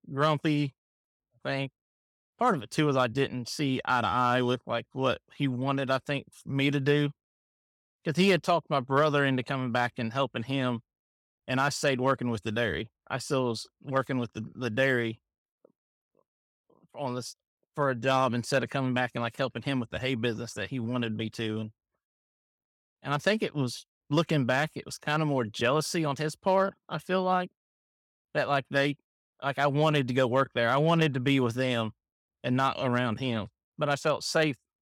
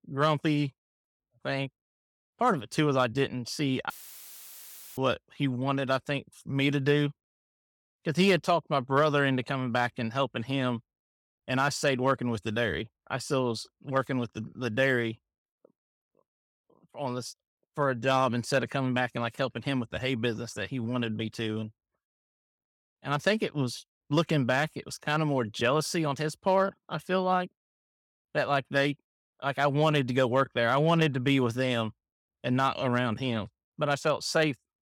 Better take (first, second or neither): first